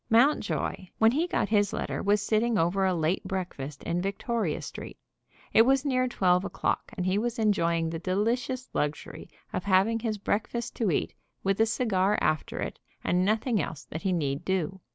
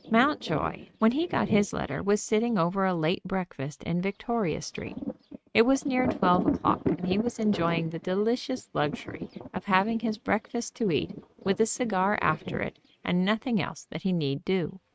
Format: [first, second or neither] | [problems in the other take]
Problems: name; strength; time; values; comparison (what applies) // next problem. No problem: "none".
first | noise reduction (neural mask model RNNoise)